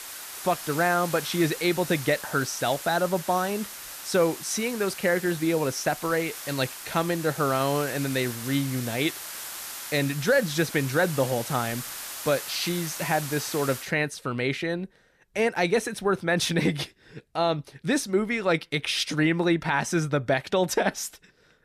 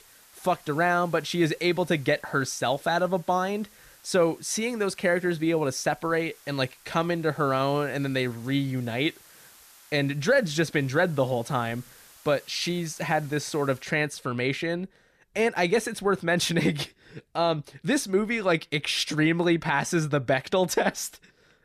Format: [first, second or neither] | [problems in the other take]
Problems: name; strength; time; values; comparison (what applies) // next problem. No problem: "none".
second | hiss; loud; until 14 s; 9 dB below the speech; faint in the second